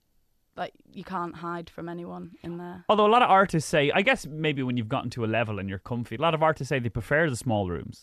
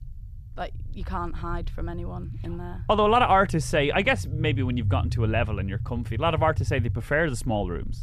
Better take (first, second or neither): first